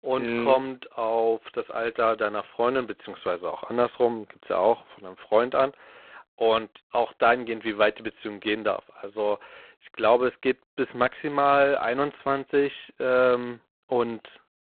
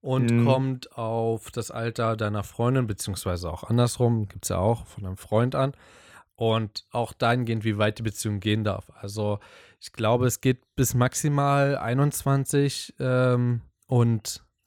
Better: second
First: phone-call audio; poor line; nothing above 3.5 kHz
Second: none

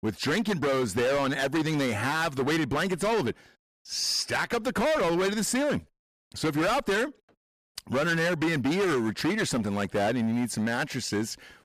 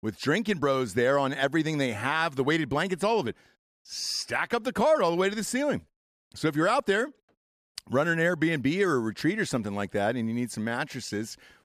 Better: second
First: distortion; heavy; 20% of the sound clipped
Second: none

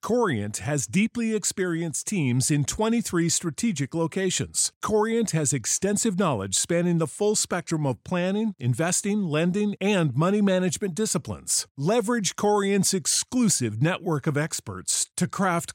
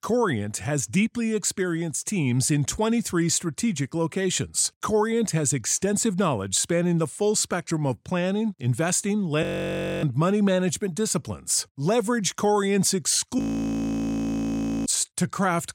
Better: first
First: none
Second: audio freezing; at 9.5 s for 0.5 s and at 13 s for 1.5 s

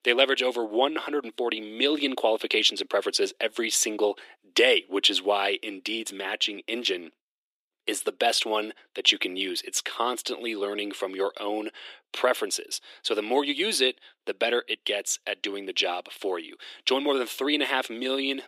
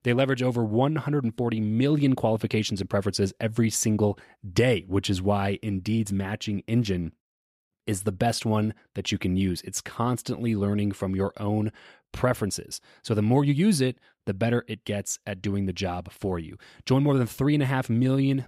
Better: second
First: thin; very; fading below 300 Hz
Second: none

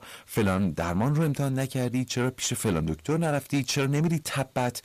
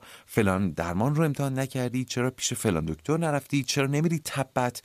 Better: second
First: distortion; slight; 10 dB below the speech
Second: none

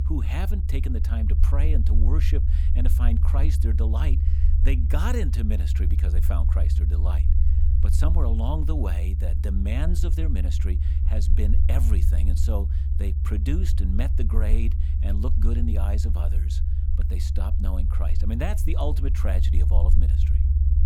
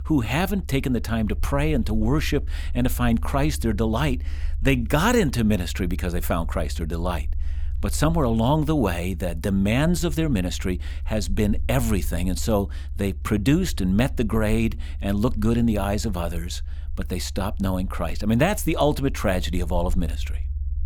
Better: second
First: low rumble; loud; throughout; 4 dB below the speech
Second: low rumble; faint; throughout; 25 dB below the speech

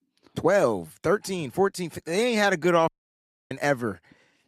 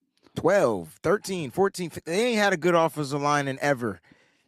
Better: second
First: audio cutting out; at 3 s for 0.5 s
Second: none

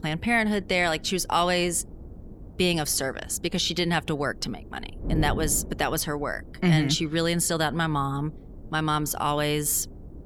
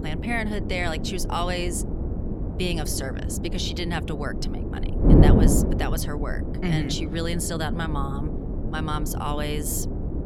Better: first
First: wind noise on the microphone; occasional gusts; 20 dB below the speech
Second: wind noise on the microphone; heavy; 3 dB below the speech

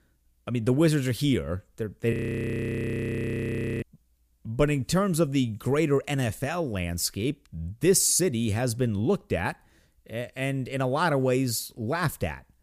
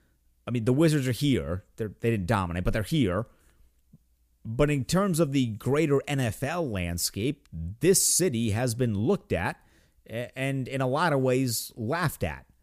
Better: second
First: audio freezing; at 2 s for 1.5 s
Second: none

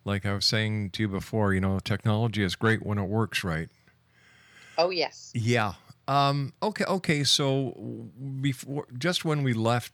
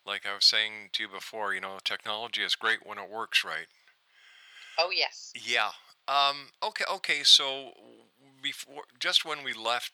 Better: first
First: none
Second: thin; very; fading below 800 Hz

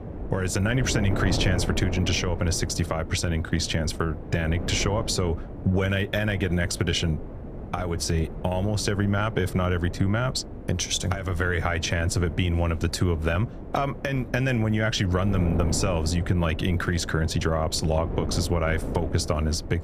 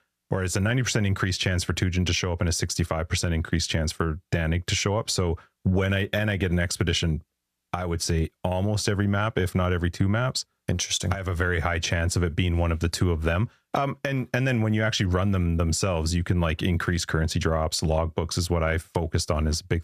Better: second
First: wind noise on the microphone; occasional gusts; 10 dB below the speech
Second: none

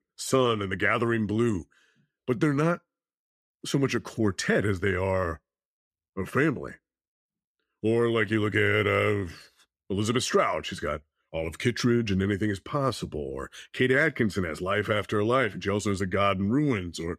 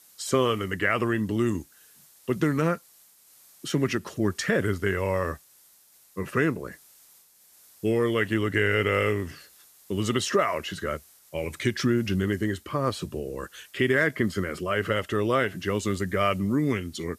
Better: first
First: none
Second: hiss; faint; throughout; 25 dB below the speech

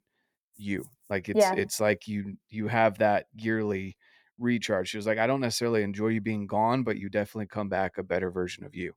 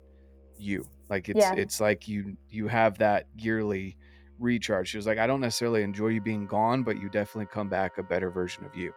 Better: first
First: none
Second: background music; faint; throughout; 25 dB below the speech

